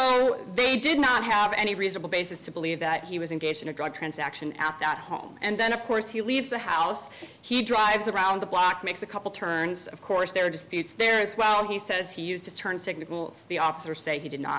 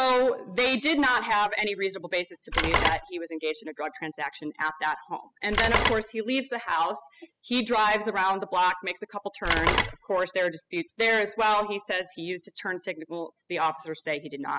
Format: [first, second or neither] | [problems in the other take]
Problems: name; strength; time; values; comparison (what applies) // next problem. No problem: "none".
first | noise reduction (classical method spectral subtraction)